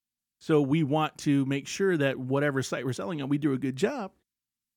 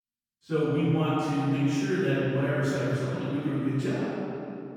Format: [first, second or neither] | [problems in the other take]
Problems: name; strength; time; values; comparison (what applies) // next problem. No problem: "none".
first | off-mic speech; far // room echo; strong; dies away in 2.4 s